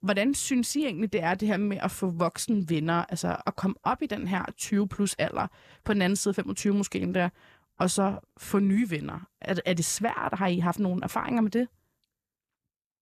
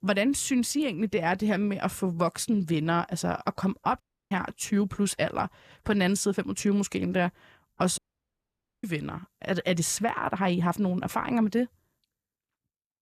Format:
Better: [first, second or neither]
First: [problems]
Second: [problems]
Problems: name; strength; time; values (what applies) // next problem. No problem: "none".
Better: first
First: none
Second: audio cutting out; at 4 s and at 8 s for 1 s